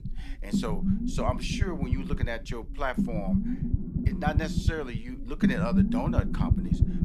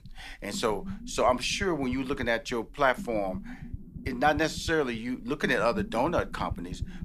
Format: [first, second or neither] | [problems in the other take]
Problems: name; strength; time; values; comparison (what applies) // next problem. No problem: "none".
second | low rumble; loud; throughout; 3 dB below the speech; faint in the second